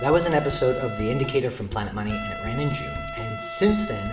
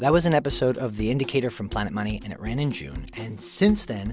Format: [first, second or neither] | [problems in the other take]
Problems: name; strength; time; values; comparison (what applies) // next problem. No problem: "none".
second | background sound (Trumpet); 10 dB below the speech // room echo; dies away in 0.8 s